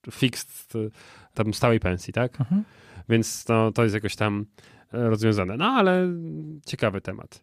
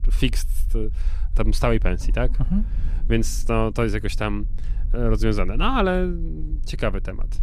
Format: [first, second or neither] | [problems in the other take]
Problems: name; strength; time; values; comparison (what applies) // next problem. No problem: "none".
first | low rumble; faint; throughout; 25 dB below the speech